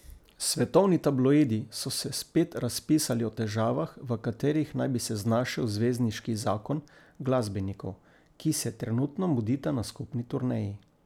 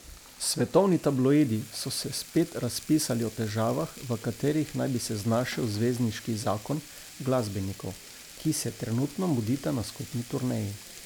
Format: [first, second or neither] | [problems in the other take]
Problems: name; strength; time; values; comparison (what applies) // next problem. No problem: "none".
first | background sound (Frying (food)); 18 dB below the speech